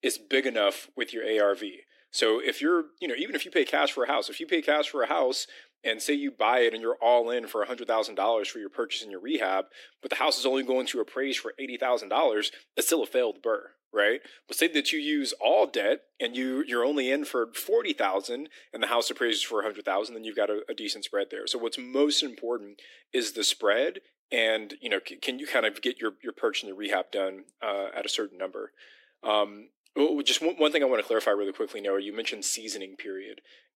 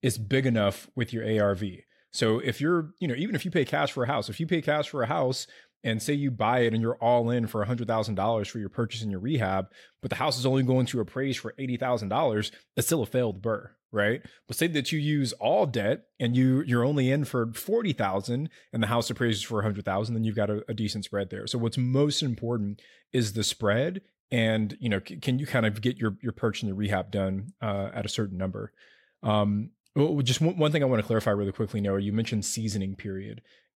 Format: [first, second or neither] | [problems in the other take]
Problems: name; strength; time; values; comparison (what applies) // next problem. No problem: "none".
second | thin; somewhat; fading below 300 Hz